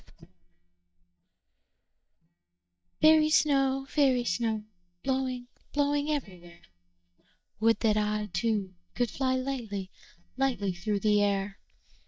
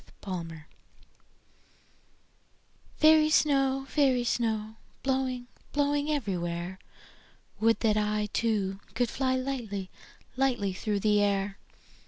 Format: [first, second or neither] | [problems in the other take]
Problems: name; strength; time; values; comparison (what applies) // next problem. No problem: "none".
second | noise reduction (neural mask model DeepFilterNet 3)